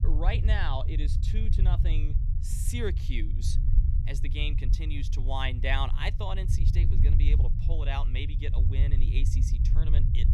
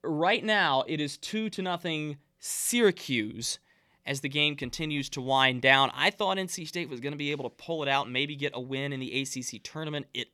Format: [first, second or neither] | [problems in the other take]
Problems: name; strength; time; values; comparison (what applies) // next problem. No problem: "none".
second | low rumble; loud; throughout; 8 dB below the speech